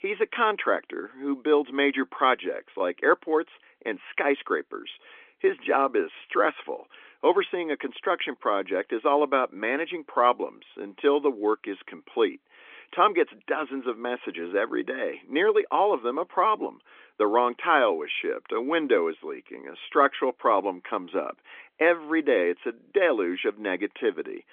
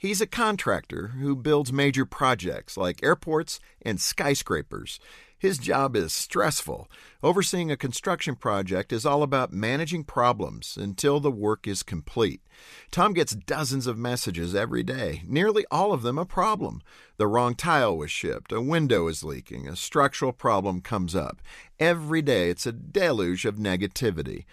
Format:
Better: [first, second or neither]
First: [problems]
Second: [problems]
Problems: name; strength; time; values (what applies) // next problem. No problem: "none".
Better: second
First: phone-call audio; nothing above 3.5 kHz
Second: none